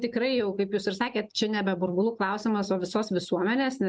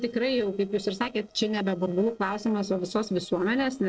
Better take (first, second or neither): first